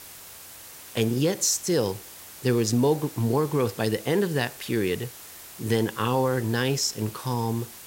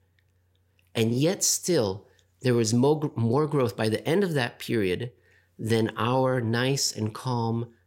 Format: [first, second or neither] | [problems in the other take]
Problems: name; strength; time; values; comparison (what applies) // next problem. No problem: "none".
second | hiss; noticeable; throughout; 15 dB below the speech